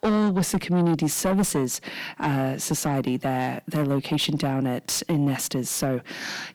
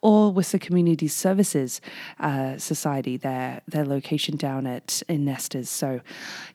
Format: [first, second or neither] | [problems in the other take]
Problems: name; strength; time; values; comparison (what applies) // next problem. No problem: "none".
second | distortion; heavy; 6 dB below the speech